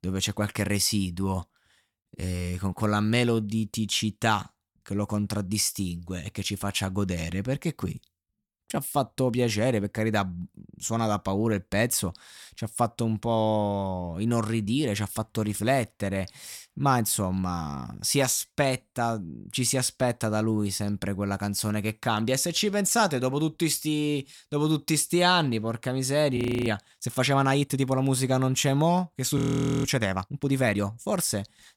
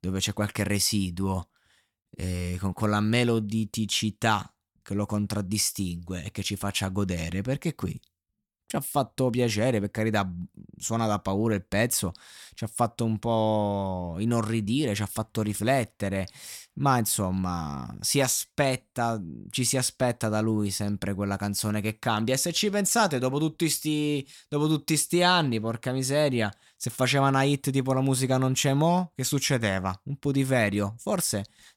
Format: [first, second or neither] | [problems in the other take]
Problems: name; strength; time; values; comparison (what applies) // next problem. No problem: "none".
second | audio freezing; at 26 s and at 29 s